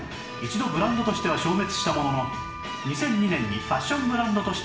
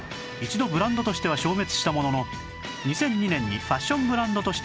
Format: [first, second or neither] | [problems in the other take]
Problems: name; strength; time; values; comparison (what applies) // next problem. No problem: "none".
second | background sound (Wind instrument, woodwind instrument); 13 dB below the speech // room echo; dies away in 0.7 s